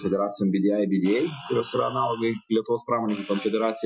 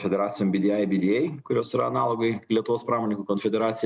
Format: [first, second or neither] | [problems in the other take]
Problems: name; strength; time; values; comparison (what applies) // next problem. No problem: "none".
second | noise reduction (classical method Wiener filter)